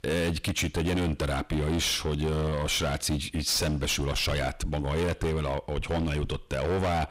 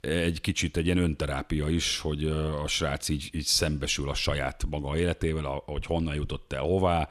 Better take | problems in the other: second | distortion; heavy; 25% of the sound clipped

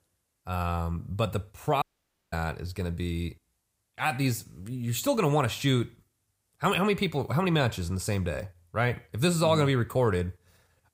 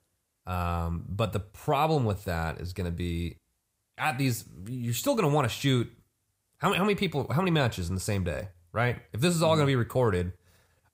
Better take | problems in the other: second | audio cutting out; at 2 s

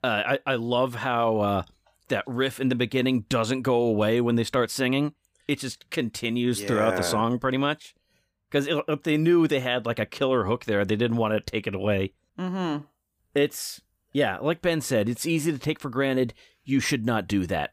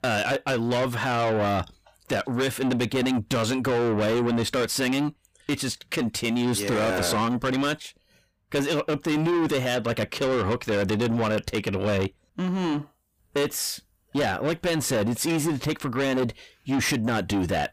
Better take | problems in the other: first | distortion; heavy; 7 dB below the speech

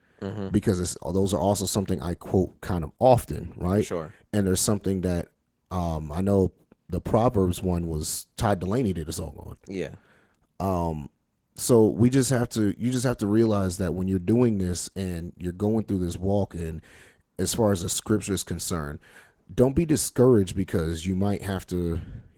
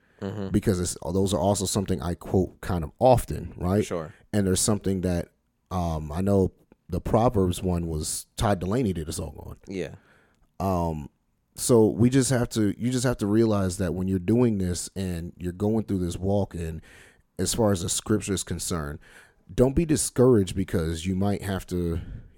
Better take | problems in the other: second | garbled, watery; slightly; nothing above 18 kHz

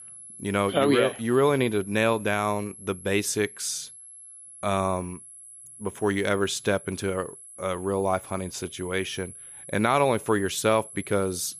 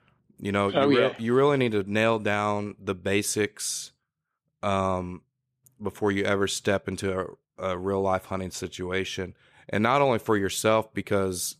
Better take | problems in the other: second | high-pitched whine; noticeable; throughout; 11 kHz, 15 dB below the speech

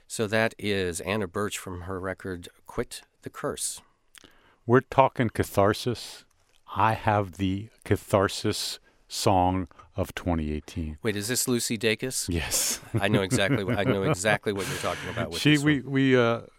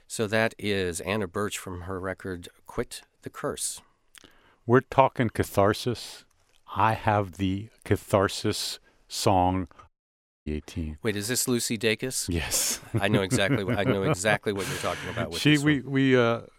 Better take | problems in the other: first | audio cutting out; at 10 s for 0.5 s

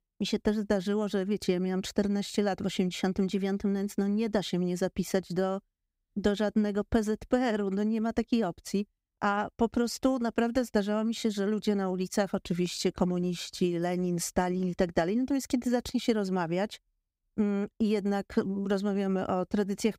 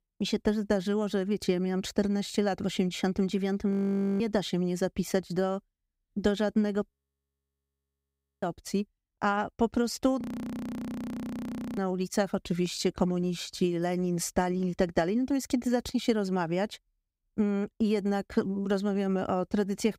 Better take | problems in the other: first | audio freezing; at 3.5 s, at 7 s for 1.5 s and at 10 s for 1.5 s

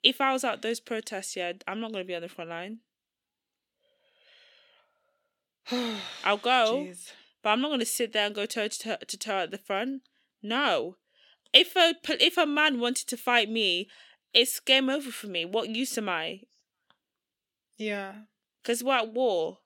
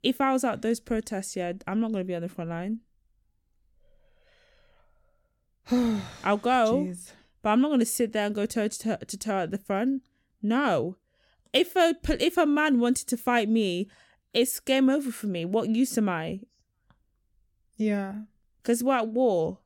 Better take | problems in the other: second | thin; very slightly; fading below 350 Hz

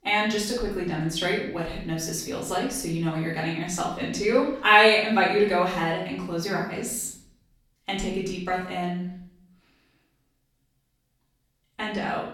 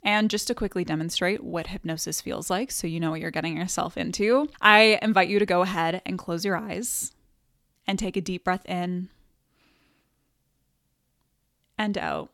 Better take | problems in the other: second | room echo; noticeable; dies away in 0.6 s // off-mic speech; far

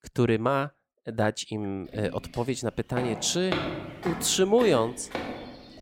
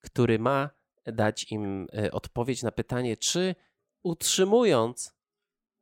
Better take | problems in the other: second | footsteps; noticeable; from 2 s on; peak 3 dB below the speech

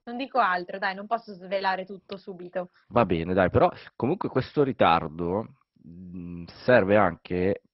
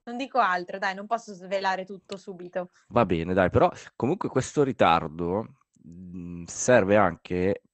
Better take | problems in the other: second | garbled, watery; badly; nothing above 5.5 kHz; slightly in the second

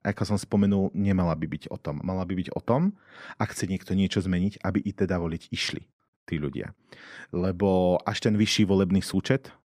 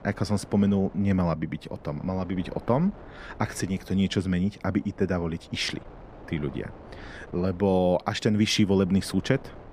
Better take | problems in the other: first | wind noise on the microphone; occasional gusts; 20 dB below the speech

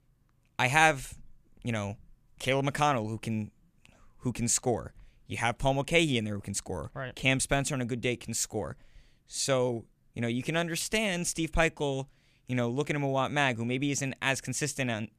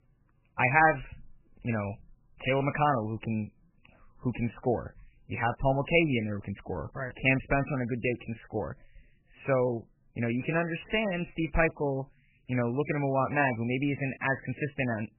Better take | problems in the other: first | garbled, watery; badly; nothing above 3 kHz

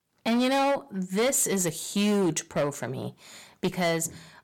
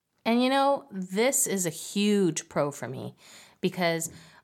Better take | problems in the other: second | distortion; slight; 12% of the sound clipped

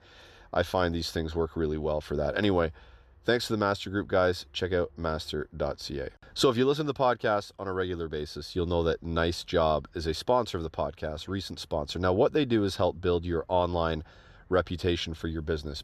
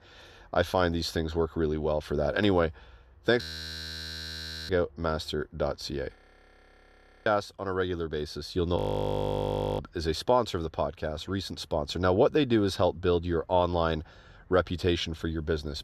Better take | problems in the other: first | audio freezing; at 3.5 s for 1.5 s, at 6 s for 1 s and at 9 s for 1 s

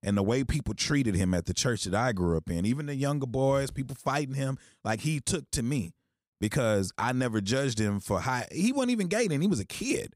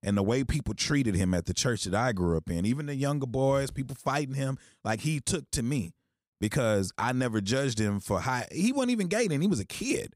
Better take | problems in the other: neither | none

